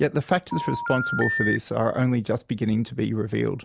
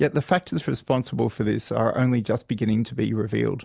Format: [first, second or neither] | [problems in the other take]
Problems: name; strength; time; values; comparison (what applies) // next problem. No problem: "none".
second | background sound (Telephone); 4 dB below the speech